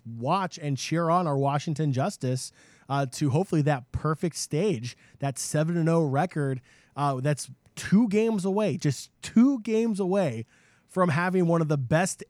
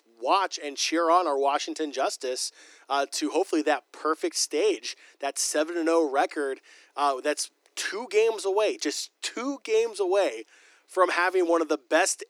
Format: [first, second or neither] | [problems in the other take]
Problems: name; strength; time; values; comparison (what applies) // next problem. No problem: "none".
first | thin; very; fading below 300 Hz